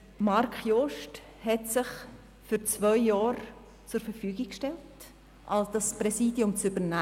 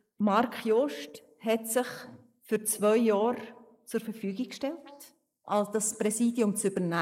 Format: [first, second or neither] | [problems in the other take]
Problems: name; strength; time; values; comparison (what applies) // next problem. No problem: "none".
first | noise reduction (neural mask model Resemble Enhance denoiser)